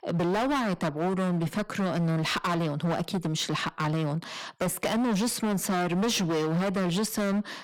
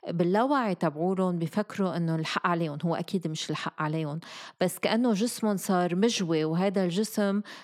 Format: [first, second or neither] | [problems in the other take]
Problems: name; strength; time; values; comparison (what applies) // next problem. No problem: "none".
second | distortion; heavy; 26% of the sound clipped